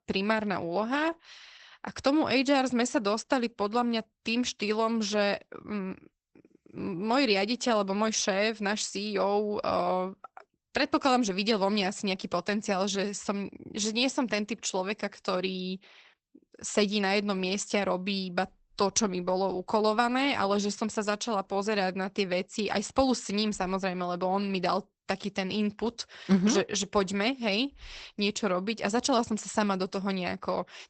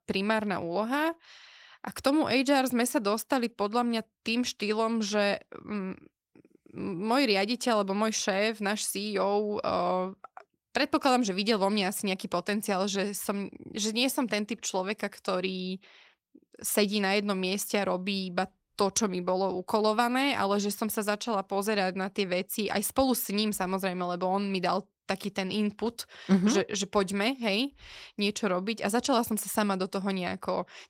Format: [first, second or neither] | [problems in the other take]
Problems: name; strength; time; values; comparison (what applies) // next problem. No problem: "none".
second | garbled, watery; badly; nothing above 8 kHz; slightly in the second